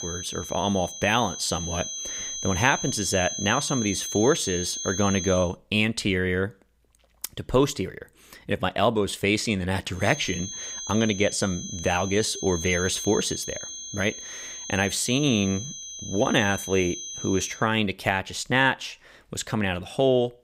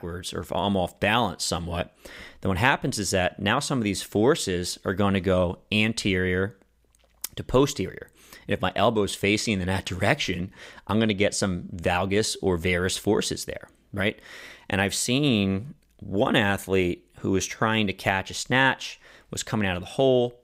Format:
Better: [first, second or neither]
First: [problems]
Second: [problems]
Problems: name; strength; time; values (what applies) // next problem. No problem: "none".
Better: second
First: high-pitched whine; loud; until 5.5 s and from 10 to 18 s; 6.5 kHz, 7 dB below the speech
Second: none